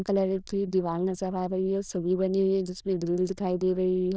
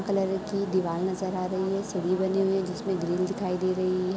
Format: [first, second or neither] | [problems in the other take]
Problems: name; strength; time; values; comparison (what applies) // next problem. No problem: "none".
second | noise reduction (neural diffusion model UNIVERSE++)